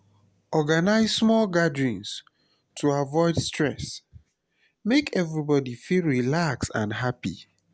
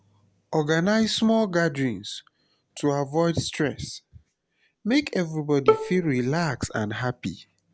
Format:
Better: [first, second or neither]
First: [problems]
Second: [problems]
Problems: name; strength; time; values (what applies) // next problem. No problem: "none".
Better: first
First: none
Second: background sound (Bowed string instrument); 2 dB below the speech